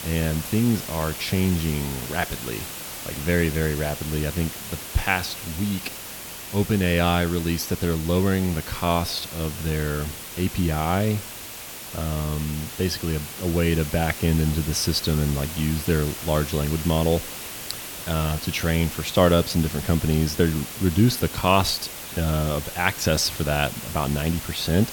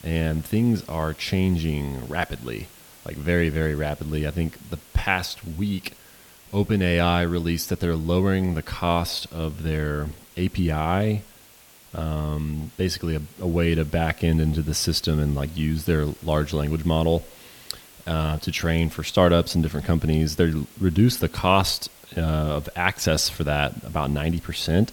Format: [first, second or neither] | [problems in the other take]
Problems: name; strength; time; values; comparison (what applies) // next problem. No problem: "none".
second | hiss; loud; throughout; 9 dB below the speech; faint in the second